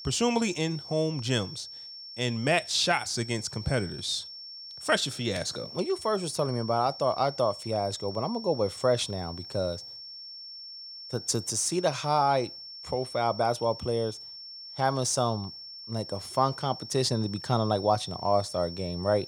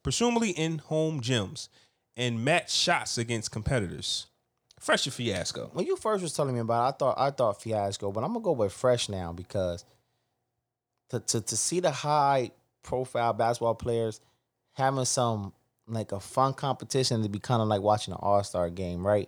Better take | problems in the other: second | high-pitched whine; noticeable; throughout; 5.5 kHz, 10 dB below the speech

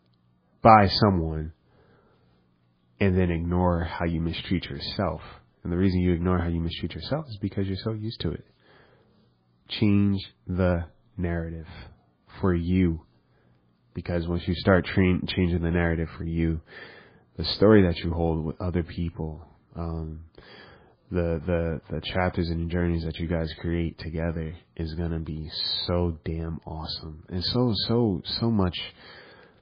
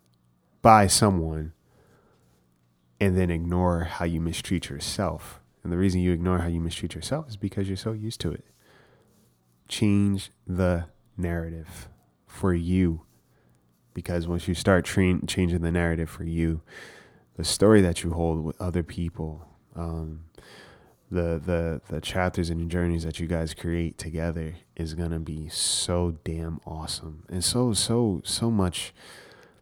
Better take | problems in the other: second | garbled, watery; badly; nothing above 4.5 kHz

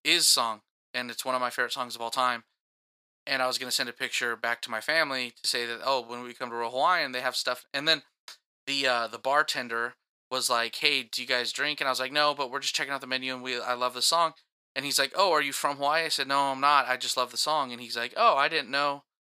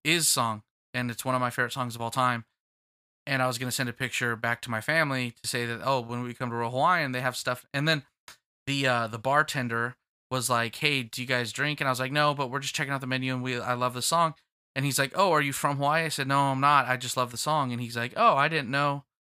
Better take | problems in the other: second | thin; somewhat; fading below 400 Hz

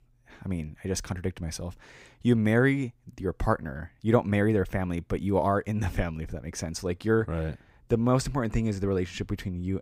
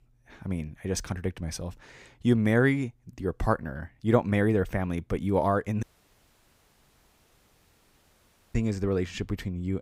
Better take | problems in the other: first | audio cutting out; at 6 s for 2.5 s

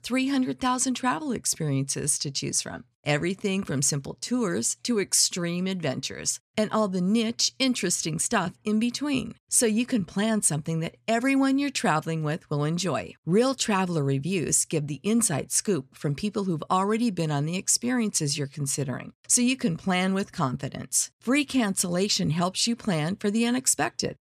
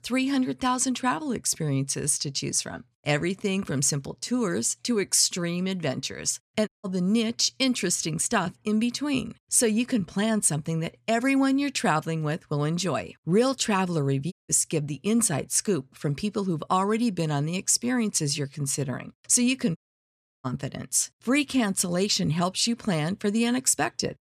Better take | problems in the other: first | audio cutting out; at 6.5 s, at 14 s and at 20 s for 0.5 s

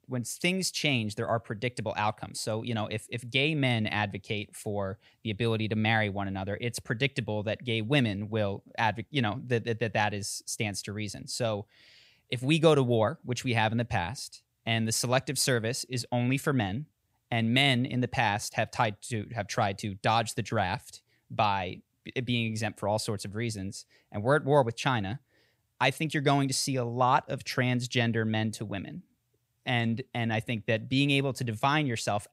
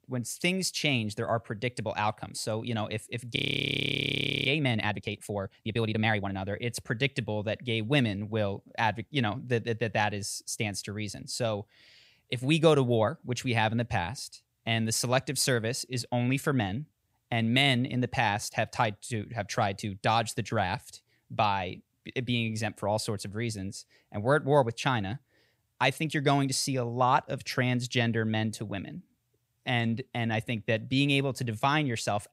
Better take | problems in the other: first | audio freezing; at 3.5 s for 1 s

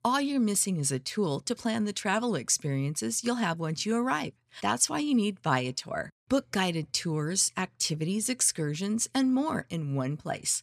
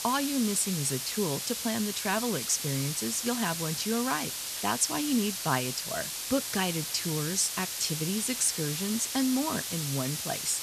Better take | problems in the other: first | hiss; loud; throughout; 2 dB below the speech

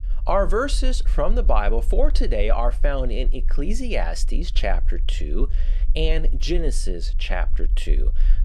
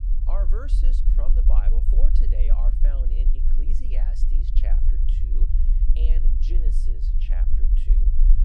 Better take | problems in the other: first | low rumble; loud; throughout; 3 dB below the speech; faint in the first

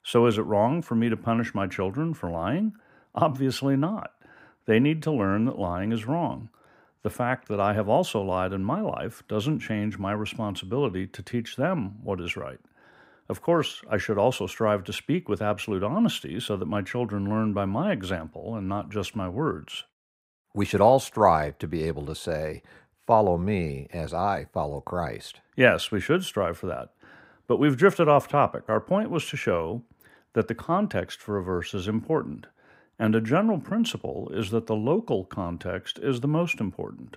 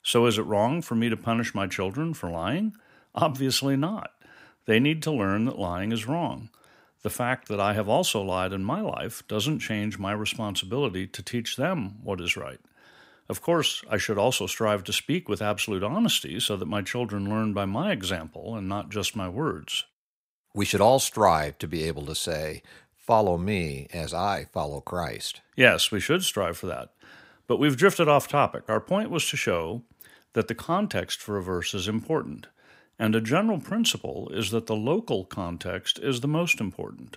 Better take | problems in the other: second | muffled; slightly; fading above 2.5 kHz

